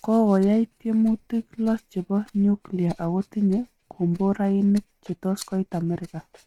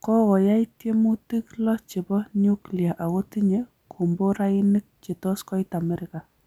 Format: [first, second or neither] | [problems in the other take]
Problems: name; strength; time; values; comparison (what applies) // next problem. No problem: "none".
second | noise reduction (neural mask model RNNoise)